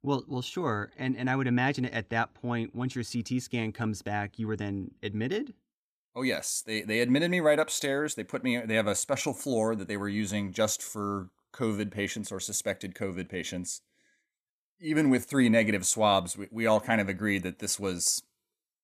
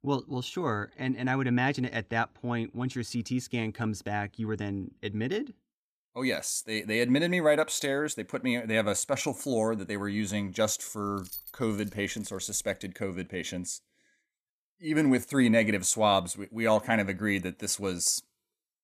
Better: first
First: none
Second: jangling keys; faint; from 11 to 13 s; peak 10 dB below the speech

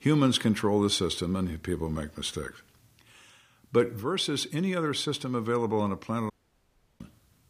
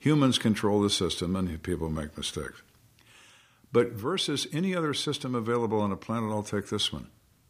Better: second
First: audio cutting out; at 6.5 s for 0.5 s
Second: none

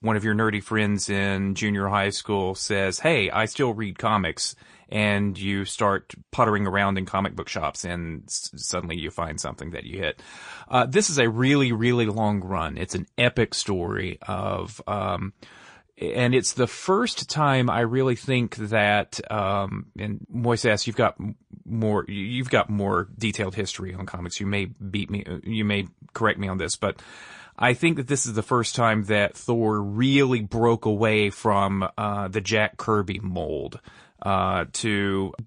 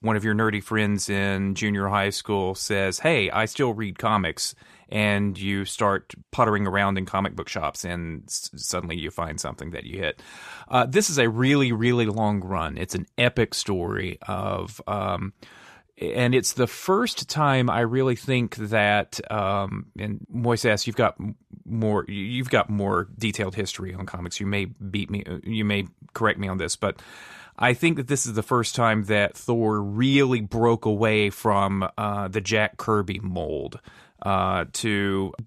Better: second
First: garbled, watery; slightly; nothing above 9 kHz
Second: none

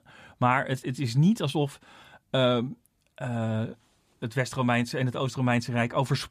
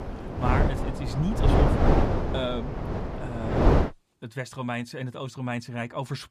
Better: first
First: none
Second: wind noise on the microphone; heavy; until 4 s; 4 dB above the speech

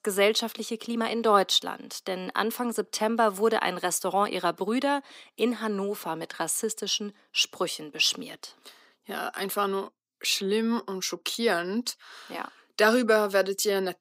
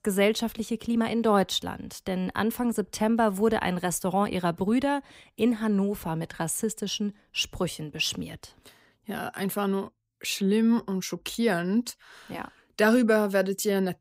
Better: second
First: thin; very slightly; fading below 300 Hz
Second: none

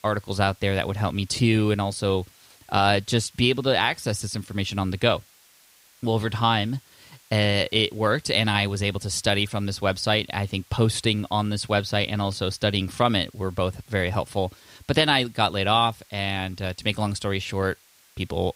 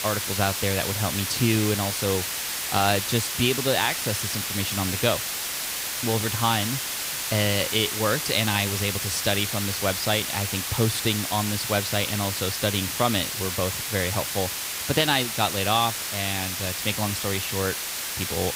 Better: first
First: hiss; faint; throughout; 30 dB below the speech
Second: hiss; loud; throughout; 1 dB below the speech

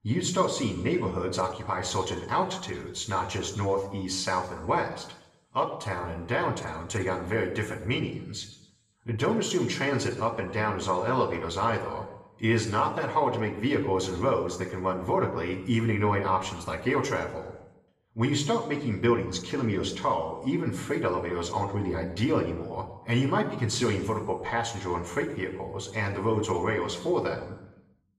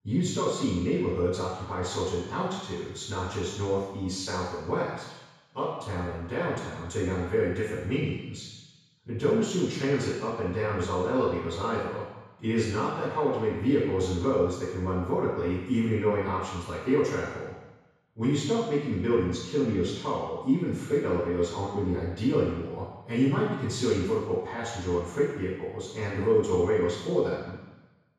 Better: first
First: room echo; slight; dies away in 0.8 s // off-mic speech; far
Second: room echo; strong; dies away in 1.1 s // off-mic speech; far

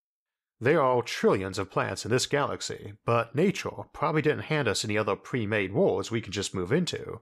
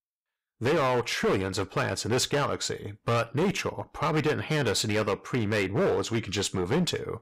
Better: first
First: none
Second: distortion; heavy; 13% of the sound clipped

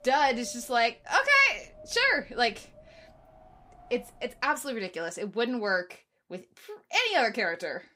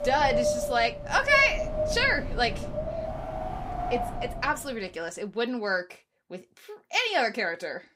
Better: first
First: wind in the background; faint; until 4.5 s; 25 dB below the speech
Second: wind in the background; loud; until 4.5 s; 5 dB below the speech

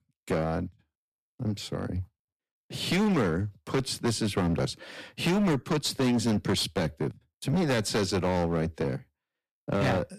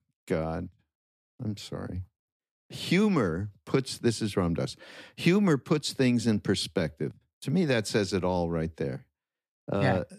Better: second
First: distortion; heavy; 14% of the sound clipped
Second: none

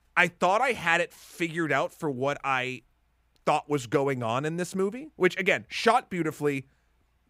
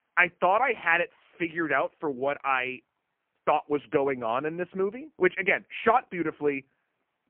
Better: first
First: none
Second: phone-call audio; poor line

